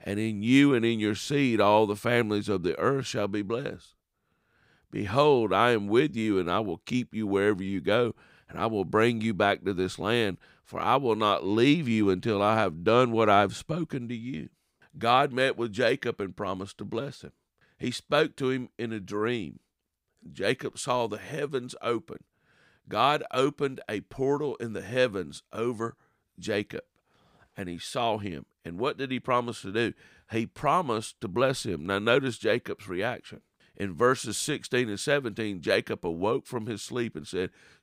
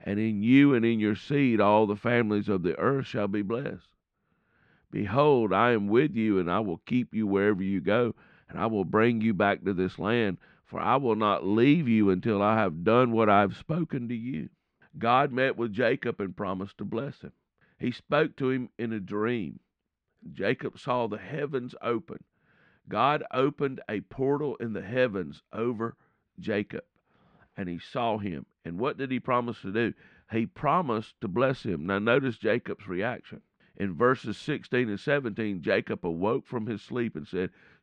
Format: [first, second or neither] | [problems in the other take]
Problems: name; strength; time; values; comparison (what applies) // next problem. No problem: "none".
first | muffled; slightly; fading above 2.5 kHz